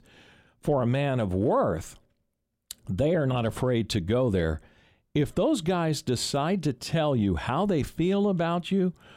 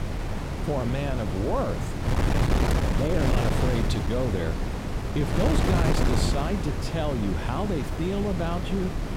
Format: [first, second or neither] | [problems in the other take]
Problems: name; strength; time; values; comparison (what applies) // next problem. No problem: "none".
first | wind noise on the microphone; heavy; 1 dB below the speech